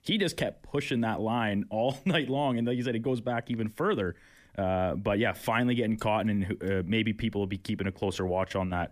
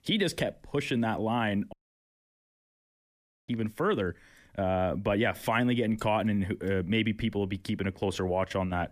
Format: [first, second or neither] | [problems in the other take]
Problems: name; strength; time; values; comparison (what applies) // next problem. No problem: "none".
first | audio cutting out; at 1.5 s for 2 s